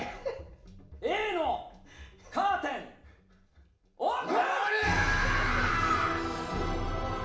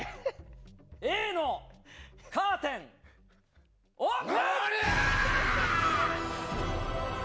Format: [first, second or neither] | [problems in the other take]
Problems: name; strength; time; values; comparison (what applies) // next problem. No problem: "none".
second | room echo; dies away in 0.5 s